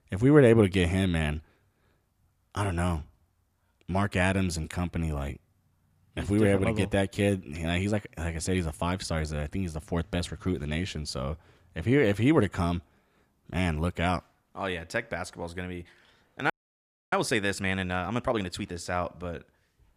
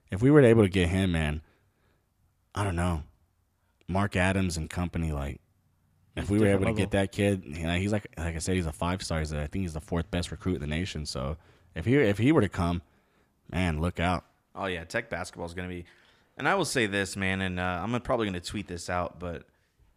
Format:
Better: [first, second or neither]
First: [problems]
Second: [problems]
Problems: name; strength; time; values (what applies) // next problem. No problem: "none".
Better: second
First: audio freezing; at 17 s for 0.5 s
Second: none